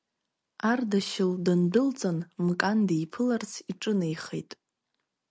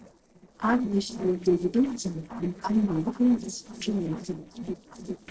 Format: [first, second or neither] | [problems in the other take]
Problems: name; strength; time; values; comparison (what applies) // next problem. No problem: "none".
first | noise reduction (neural separator model SepFormer DNS4)